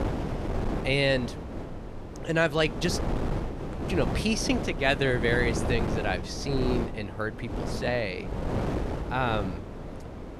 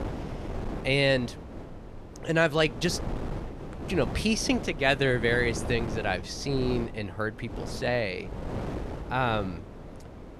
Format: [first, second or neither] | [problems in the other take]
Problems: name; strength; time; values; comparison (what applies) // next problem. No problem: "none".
second | wind noise on the microphone; heavy; 8 dB below the speech; occasional gusts in the second